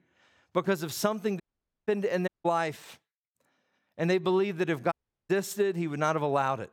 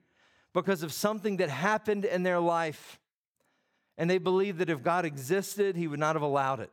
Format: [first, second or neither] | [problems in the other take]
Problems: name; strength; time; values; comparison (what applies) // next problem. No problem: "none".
second | audio cutting out; at 1.5 s, at 2.5 s and at 5 s